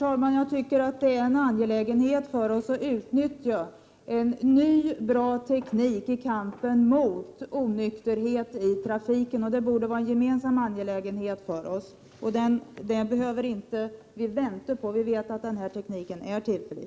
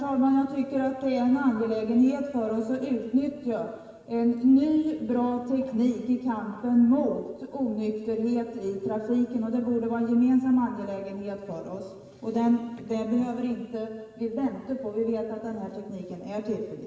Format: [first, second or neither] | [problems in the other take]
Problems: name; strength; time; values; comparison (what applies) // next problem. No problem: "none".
first | room echo; dies away in 1.5 s